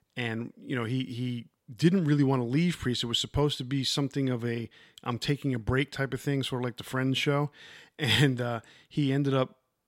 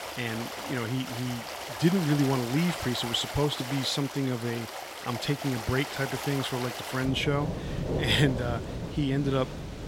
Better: first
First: none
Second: rain or running water; loud; throughout; 6 dB below the speech

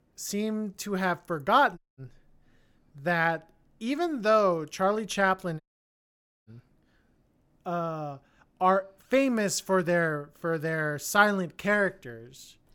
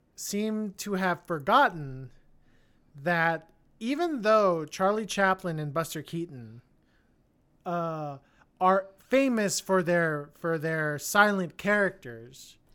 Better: second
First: audio cutting out; at 2 s and at 5.5 s for 1 s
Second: none

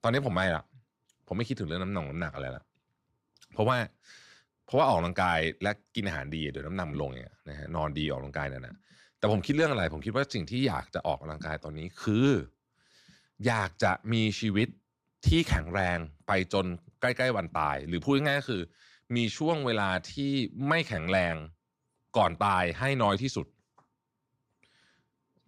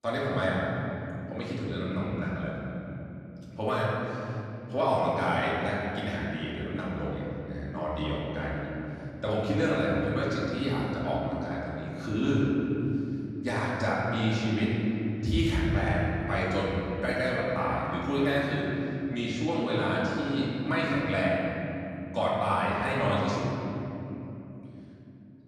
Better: first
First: none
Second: room echo; strong; dies away in 3 s // off-mic speech; far

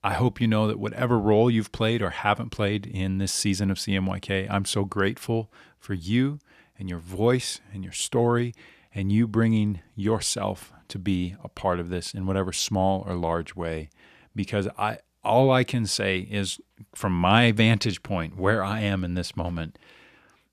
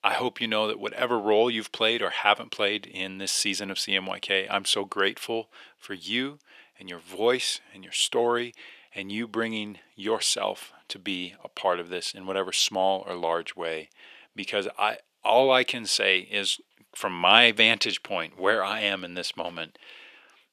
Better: first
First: none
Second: thin; somewhat; fading below 450 Hz

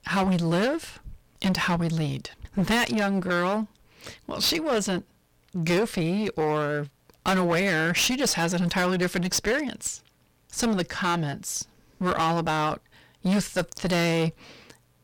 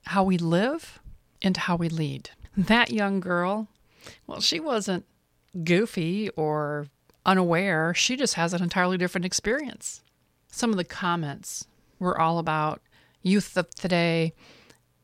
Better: second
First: distortion; heavy; 15% of the sound clipped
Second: none

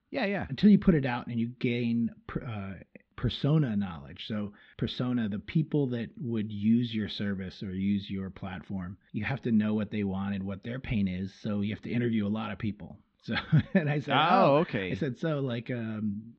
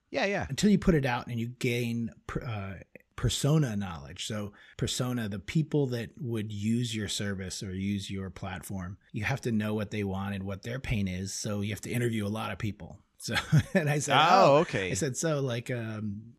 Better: second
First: muffled; slightly; fading above 4 kHz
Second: none

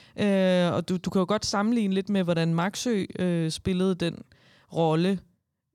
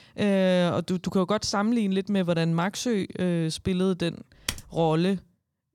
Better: first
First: none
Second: keyboard typing; noticeable; at 4.5 s; peak 8 dB below the speech

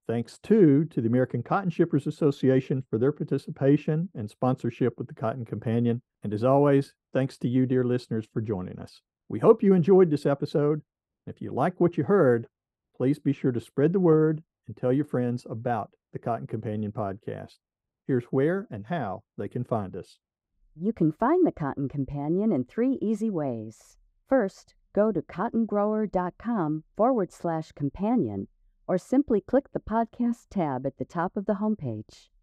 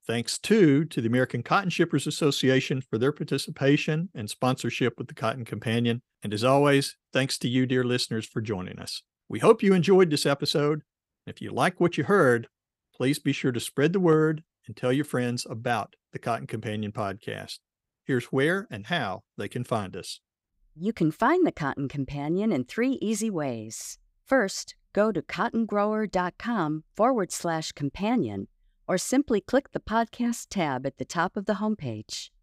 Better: second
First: muffled; very; fading above 1.5 kHz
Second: none

